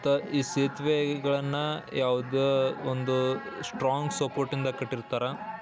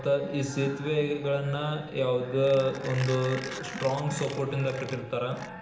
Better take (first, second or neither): first